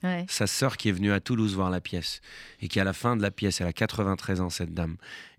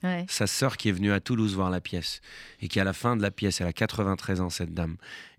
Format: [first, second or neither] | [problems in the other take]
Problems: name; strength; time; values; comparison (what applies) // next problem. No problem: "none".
neither | none